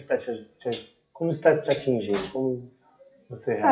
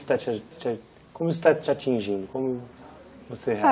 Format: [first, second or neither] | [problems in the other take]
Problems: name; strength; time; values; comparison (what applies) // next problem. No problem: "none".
second | noise reduction (classical method WPE with log-MMSE)